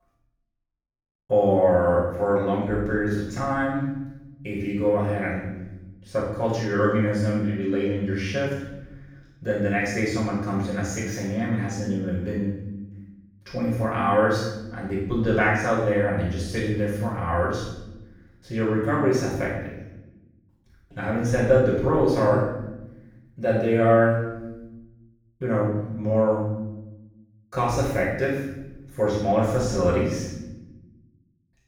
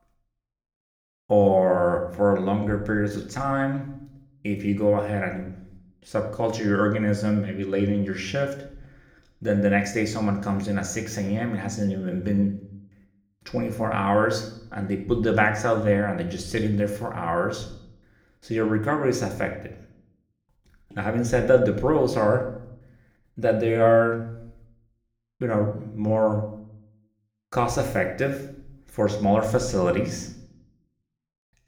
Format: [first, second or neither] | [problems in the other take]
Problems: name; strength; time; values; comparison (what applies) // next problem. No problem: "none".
second | room echo; strong; dies away in 0.9 s; slight in the second // off-mic speech; far